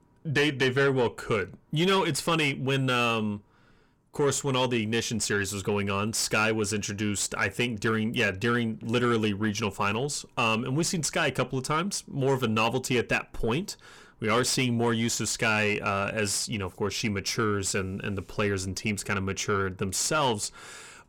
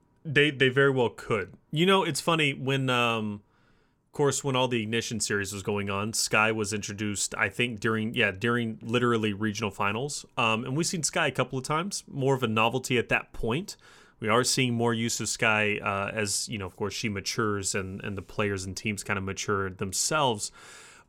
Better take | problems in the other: second | distortion; slight; 10 dB below the speech

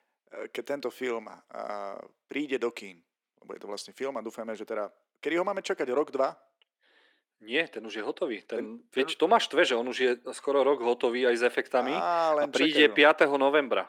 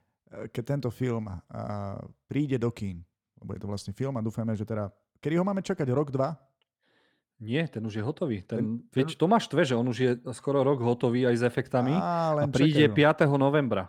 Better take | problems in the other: second | thin; somewhat; fading below 350 Hz

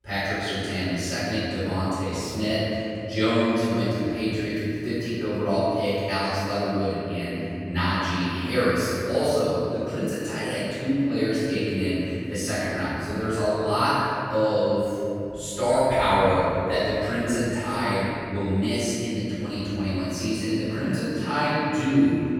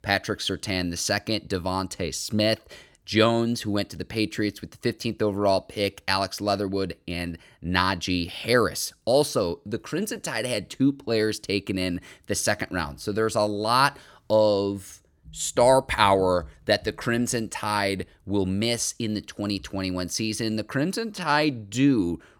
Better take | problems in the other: second | off-mic speech; far // room echo; strong; dies away in 3 s

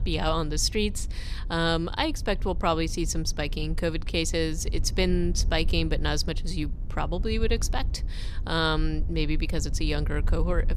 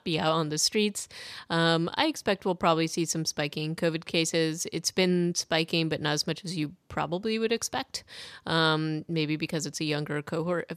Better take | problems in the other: second | low rumble; faint; throughout; 20 dB below the speech

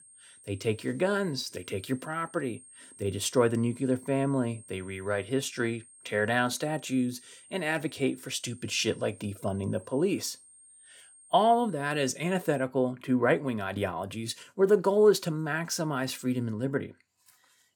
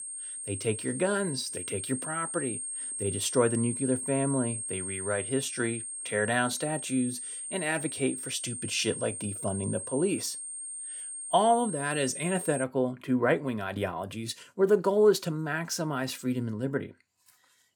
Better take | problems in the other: first | high-pitched whine; loud; until 13 s; 8.5 kHz, 5 dB below the speech; faint in the first

